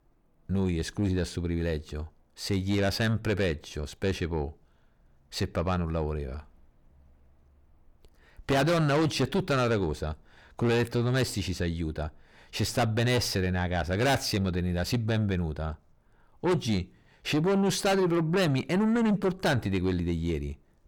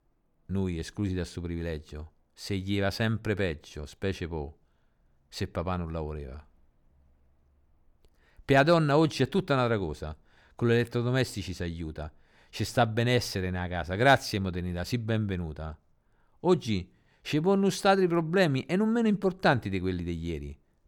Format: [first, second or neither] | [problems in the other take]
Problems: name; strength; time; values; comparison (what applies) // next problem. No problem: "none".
second | distortion; heavy; 6 dB below the speech